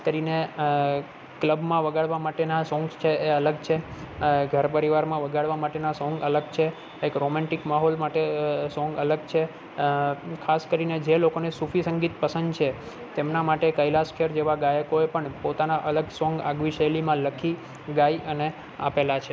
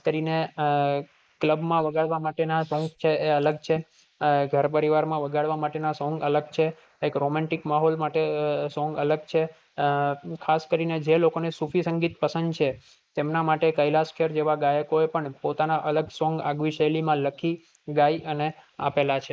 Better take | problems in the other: first | noise reduction (neural mask model Resemble Enhance denoiser)

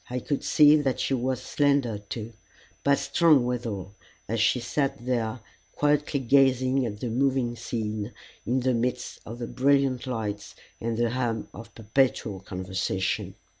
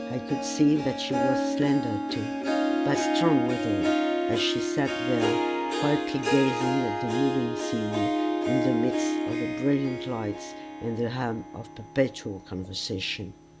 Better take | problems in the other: first | background sound (Harp); as loud as the speech

